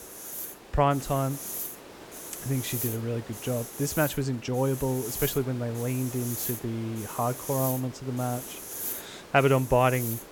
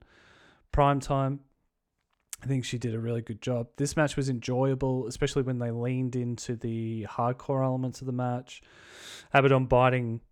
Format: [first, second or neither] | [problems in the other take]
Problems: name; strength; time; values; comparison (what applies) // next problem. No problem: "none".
second | hiss; loud; throughout; 7 dB below the speech